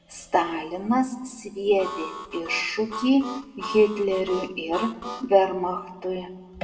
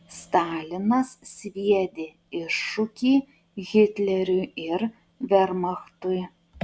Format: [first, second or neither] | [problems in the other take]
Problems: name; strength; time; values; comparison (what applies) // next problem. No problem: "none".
second | background sound (Harmonica); 11 dB below the speech // room echo; dies away in 1 s